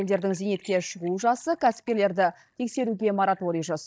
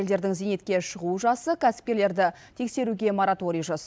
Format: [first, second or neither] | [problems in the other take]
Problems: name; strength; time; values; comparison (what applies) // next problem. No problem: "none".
second | noise reduction (neural mask model DeepFilterNet 3)